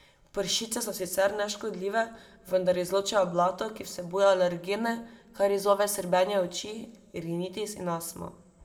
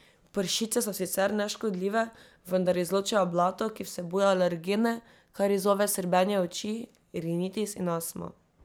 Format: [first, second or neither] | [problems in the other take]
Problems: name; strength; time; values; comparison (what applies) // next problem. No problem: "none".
second | room echo; dies away in 0.5 s